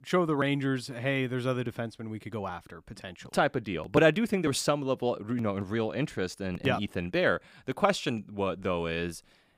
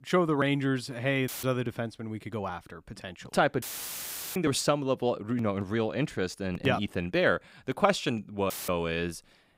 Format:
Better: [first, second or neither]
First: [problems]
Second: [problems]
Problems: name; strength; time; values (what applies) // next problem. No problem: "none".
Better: first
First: none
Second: audio cutting out; filled with static; at 1.5 s, at 3.5 s for 0.5 s and at 8.5 s